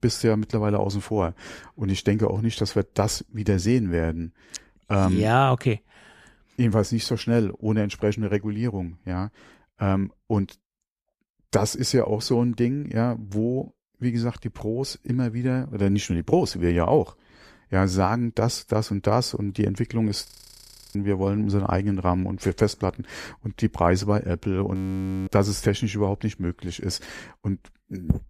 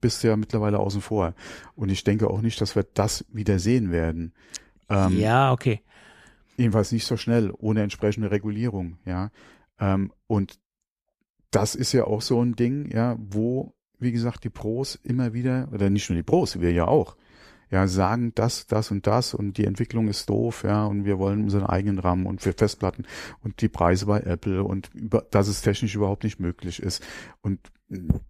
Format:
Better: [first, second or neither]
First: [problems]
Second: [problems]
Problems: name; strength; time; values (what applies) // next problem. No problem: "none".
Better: second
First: audio freezing; at 20 s for 0.5 s and at 25 s for 0.5 s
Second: none